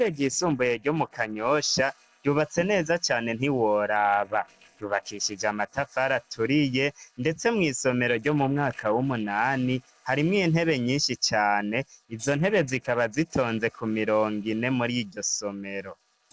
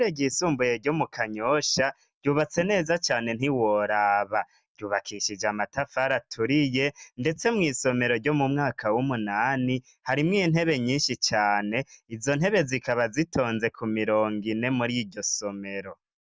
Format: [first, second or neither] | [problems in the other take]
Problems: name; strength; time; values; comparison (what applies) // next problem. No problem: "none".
second | noise reduction (neural separator model SepFormer DNS4)